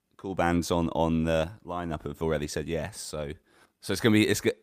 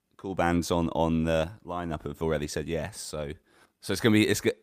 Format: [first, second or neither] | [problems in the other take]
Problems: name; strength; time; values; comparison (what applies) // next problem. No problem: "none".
neither | none